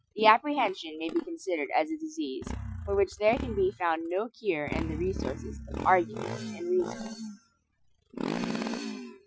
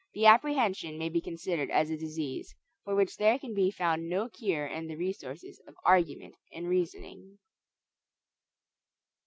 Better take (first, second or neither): second